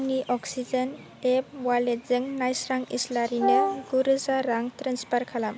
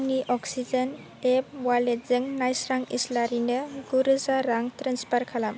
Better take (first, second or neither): second